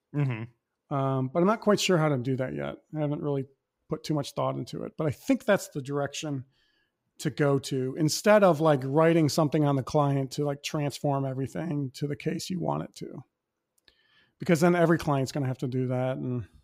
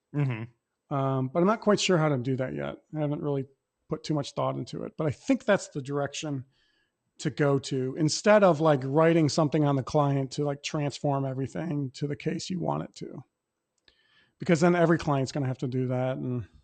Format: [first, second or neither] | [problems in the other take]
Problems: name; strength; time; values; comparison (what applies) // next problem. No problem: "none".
first | garbled, watery; slightly; nothing above 8 kHz